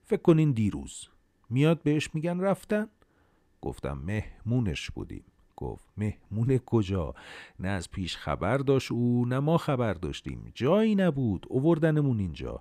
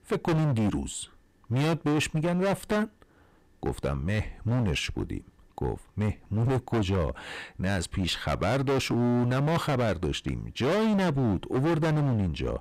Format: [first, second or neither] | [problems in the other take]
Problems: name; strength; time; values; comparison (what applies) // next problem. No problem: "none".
first | distortion; heavy; 21% of the sound clipped